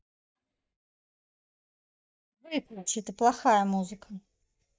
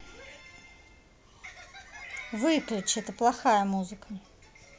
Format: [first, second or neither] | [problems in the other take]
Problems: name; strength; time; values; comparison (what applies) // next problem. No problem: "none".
second | noise reduction (neural mask model DeepFilterNet 3)